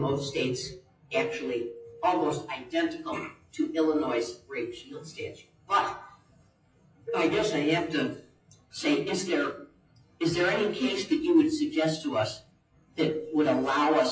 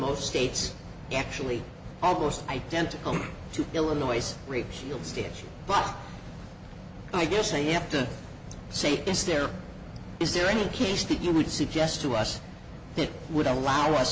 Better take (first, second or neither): second